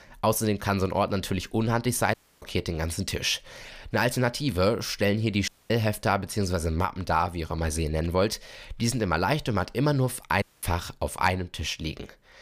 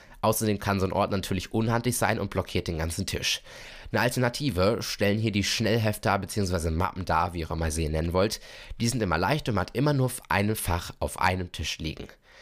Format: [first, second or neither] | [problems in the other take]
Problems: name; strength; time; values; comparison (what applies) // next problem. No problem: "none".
second | audio cutting out; at 2 s, at 5.5 s and at 10 s